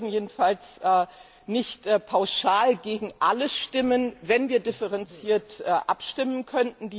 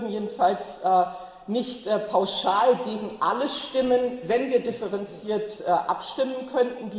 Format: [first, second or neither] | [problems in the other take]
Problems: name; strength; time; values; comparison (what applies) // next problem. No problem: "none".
first | room echo; dies away in 1.6 s